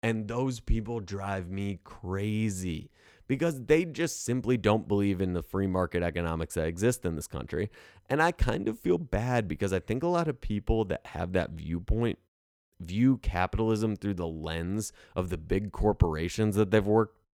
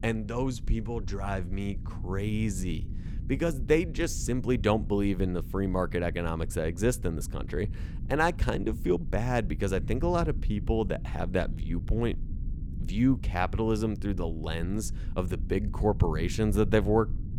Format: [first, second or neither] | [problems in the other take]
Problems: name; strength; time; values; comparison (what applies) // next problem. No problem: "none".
first | low rumble; noticeable; throughout; 20 dB below the speech